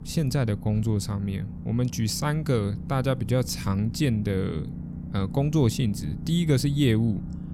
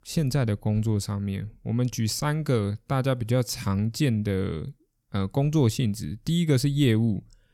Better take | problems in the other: second | low rumble; noticeable; throughout; 15 dB below the speech

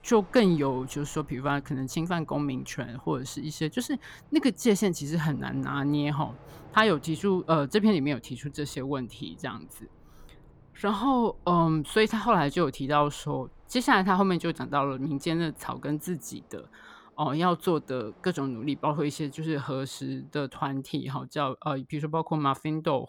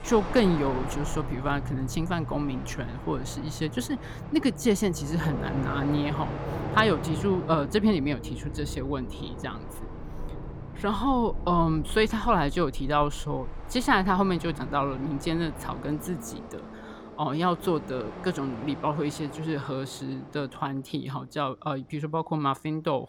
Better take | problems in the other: first | train or aircraft noise; loud; throughout; 9 dB below the speech; faint in the first

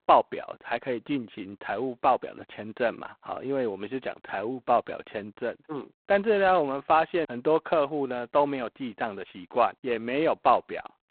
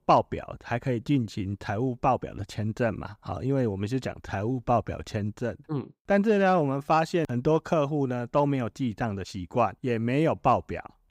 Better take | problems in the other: second | phone-call audio; poor line; nothing above 4 kHz

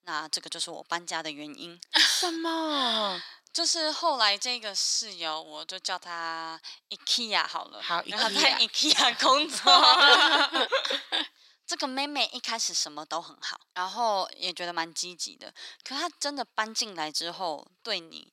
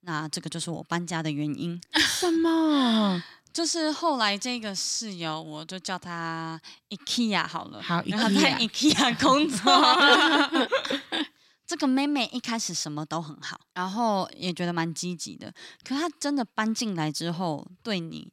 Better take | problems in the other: second | thin; somewhat; fading below 600 Hz

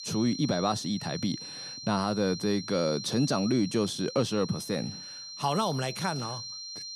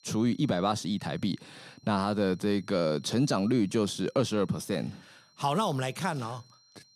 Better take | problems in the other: second | high-pitched whine; loud; throughout; 4 kHz, 9 dB below the speech; faint in the second

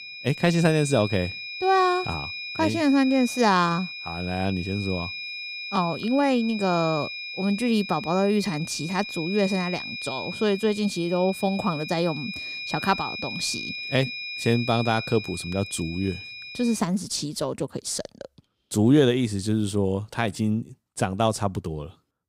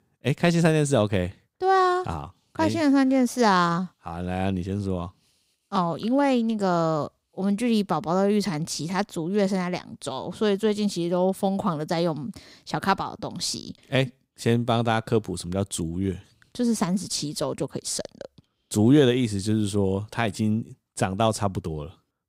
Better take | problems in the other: second | high-pitched whine; loud; until 17 s; 2.5 kHz, 8 dB below the speech

